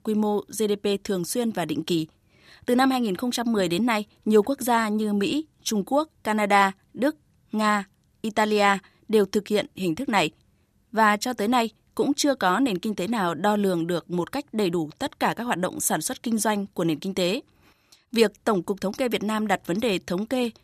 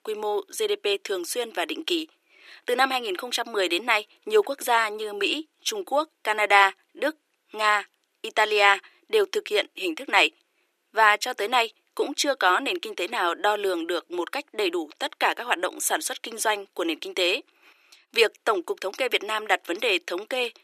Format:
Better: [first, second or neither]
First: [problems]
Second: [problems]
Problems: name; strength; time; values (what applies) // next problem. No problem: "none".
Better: first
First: none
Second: thin; very; fading below 350 Hz